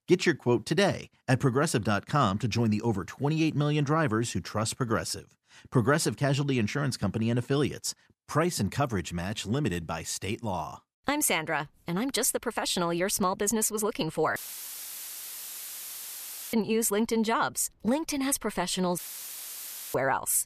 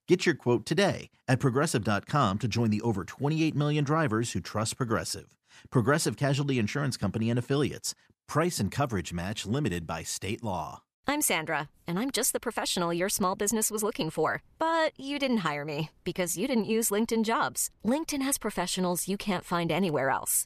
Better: second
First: audio cutting out; filled with static; at 14 s for 2 s and at 19 s for 1 s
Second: none

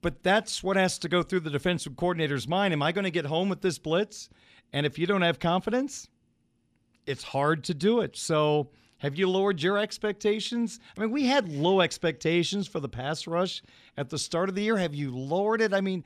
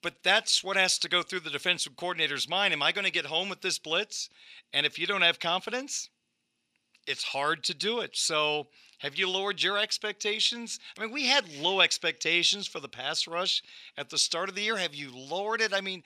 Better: first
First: none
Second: thin; somewhat; fading below 1 kHz

